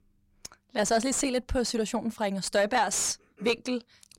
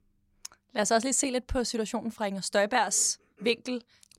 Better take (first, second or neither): second